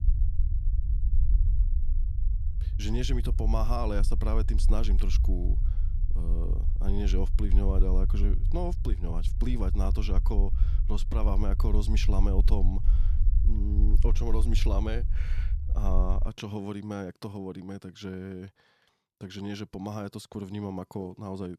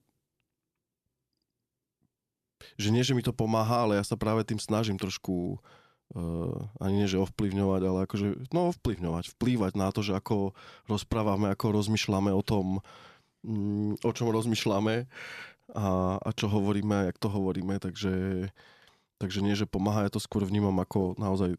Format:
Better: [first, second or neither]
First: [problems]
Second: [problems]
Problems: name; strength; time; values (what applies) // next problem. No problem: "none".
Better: second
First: low rumble; noticeable; until 16 s; 10 dB below the speech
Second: none